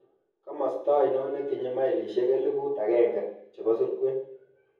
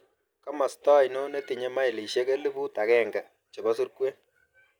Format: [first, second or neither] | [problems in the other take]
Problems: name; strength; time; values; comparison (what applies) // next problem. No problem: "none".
second | room echo; dies away in 0.7 s